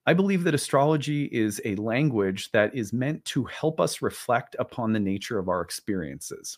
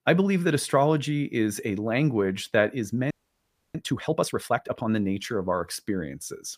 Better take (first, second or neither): first